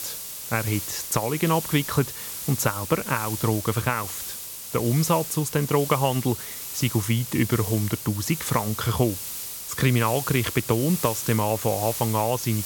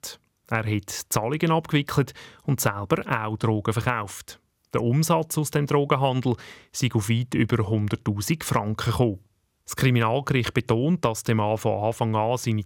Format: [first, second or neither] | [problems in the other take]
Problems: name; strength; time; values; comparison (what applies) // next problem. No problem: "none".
second | hiss; loud; throughout; 6 dB below the speech